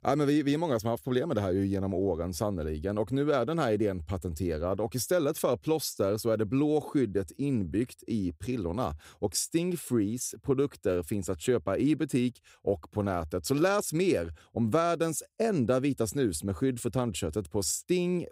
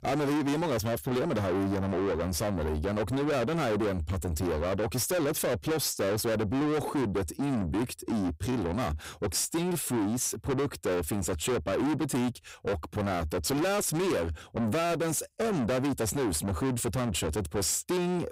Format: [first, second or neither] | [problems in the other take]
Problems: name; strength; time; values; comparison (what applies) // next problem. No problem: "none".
first | distortion; heavy; 5 dB below the speech